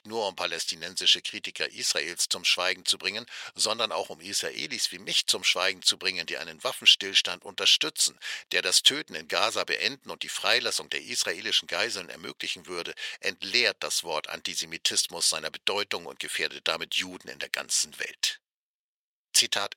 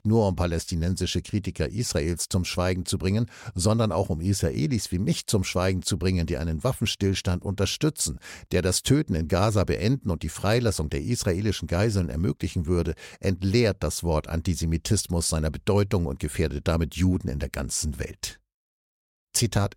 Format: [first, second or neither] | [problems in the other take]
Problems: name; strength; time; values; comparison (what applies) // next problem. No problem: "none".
second | thin; very; fading below 650 Hz